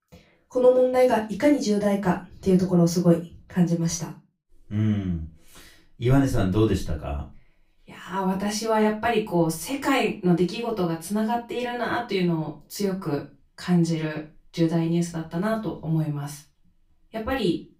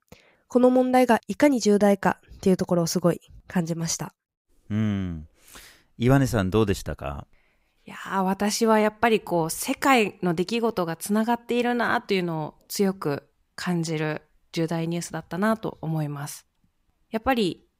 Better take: second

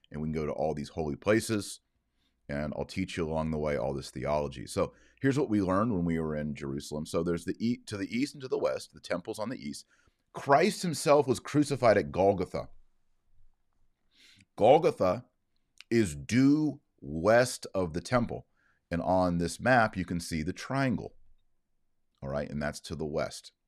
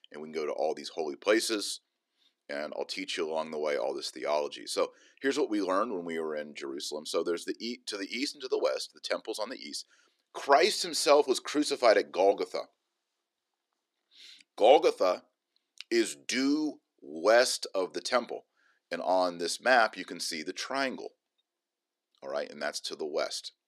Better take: first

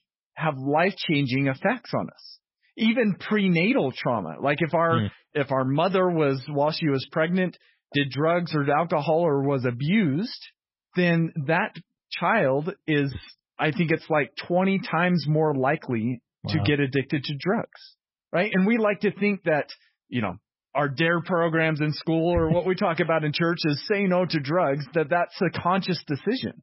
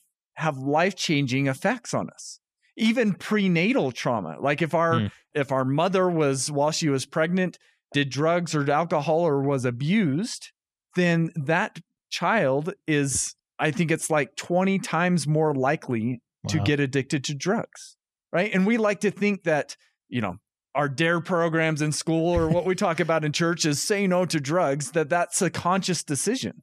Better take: second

